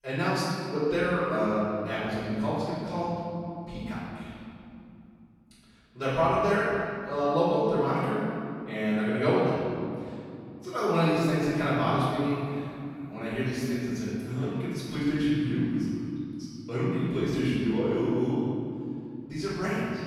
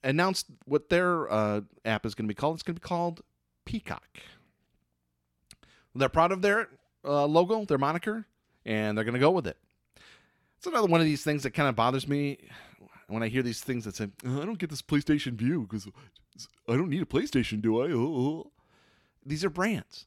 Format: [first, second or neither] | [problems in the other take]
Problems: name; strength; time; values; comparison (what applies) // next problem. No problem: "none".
second | room echo; strong; dies away in 2.6 s // off-mic speech; far